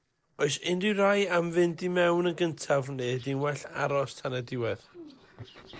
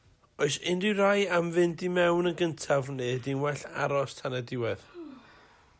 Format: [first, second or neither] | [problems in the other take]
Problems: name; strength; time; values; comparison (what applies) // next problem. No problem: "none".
second | noise reduction (neural separator model SepFormer DNS4)